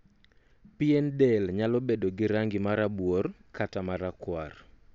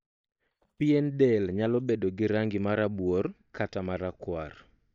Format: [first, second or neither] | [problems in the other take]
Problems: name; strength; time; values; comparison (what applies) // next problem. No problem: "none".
first | noise reduction (neural mask model DeepFilterNet 3)